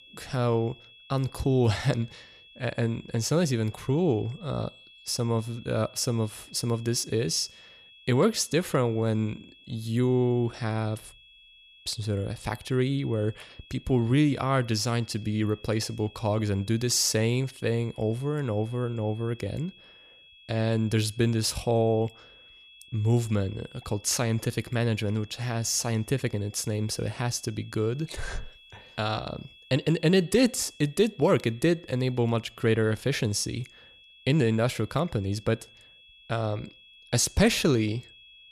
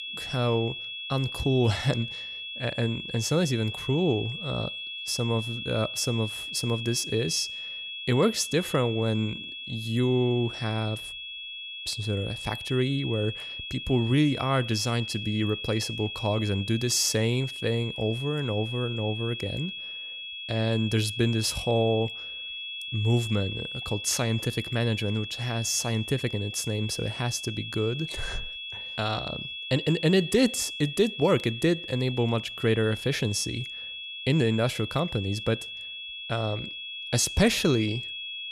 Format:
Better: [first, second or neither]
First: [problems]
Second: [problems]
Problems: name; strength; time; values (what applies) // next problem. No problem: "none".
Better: first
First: high-pitched whine; faint; throughout; 3.5 kHz, 25 dB below the speech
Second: high-pitched whine; loud; throughout; 3.5 kHz, 7 dB below the speech